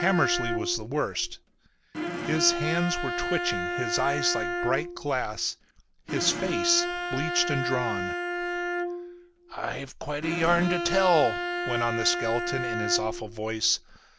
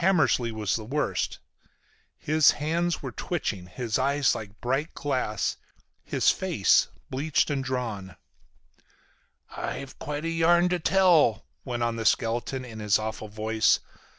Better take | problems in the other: second | background sound (Bowed string instrument); 3 dB below the speech

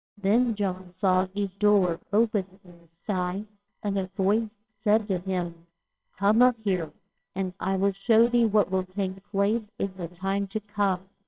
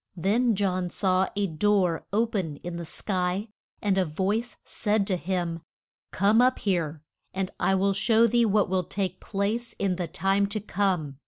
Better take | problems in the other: second | noise reduction (neural separator model SepFormer WHAMR!)

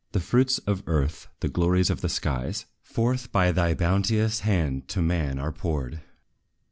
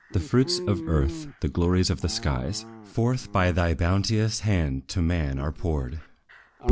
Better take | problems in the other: first | background sound (Dog); 11 dB below the speech

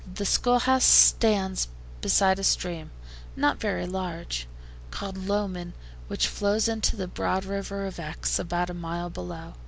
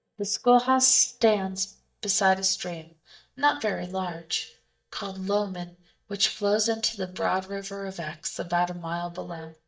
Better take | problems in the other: first | noise reduction (neural mask model DeepFilterNet 3)

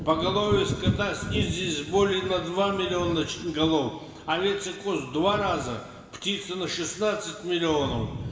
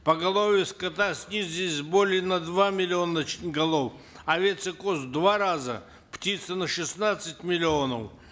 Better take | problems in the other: second | background sound (Thunder / Wind); 8 dB below the speech // room echo; dies away in 2.3 s

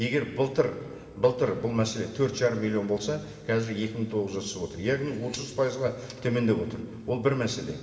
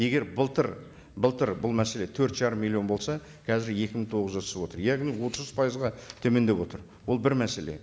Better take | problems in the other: second | room echo; dies away in 2.1 s

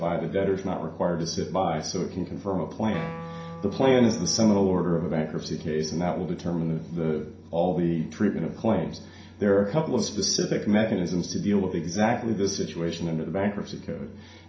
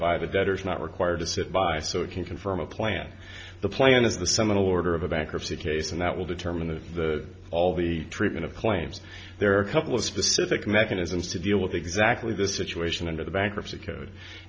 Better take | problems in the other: second | background sound (Wind instrument, woodwind instrument); 15 dB below the speech // room echo; dies away in 0.5 s

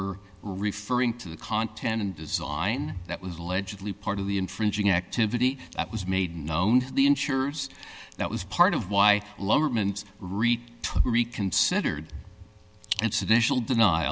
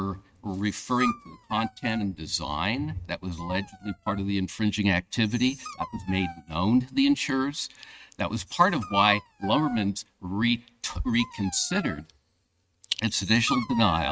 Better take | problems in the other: first | noise reduction (neural mask model RNNoise)

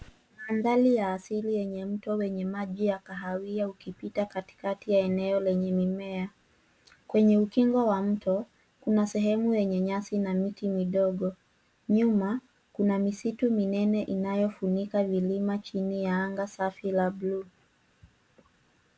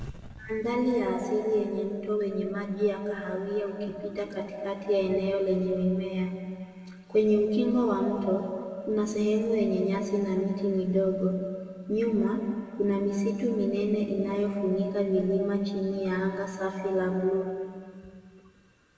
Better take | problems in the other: first | room echo; dies away in 2.2 s

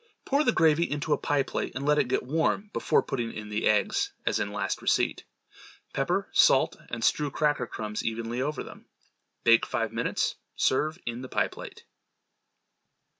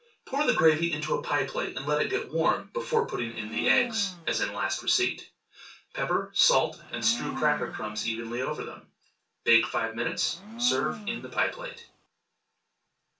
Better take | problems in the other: first | background sound (Domestic sounds, home sounds); 13 dB below the speech // room echo; dies away in 0.2 s

